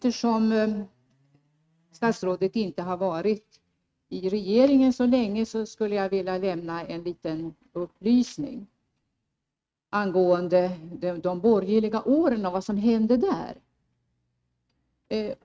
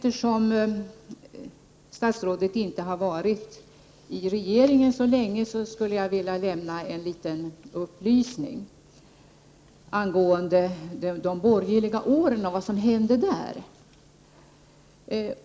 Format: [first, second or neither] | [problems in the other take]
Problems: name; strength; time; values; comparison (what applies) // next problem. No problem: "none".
second | noise reduction (neural mask model RNNoise)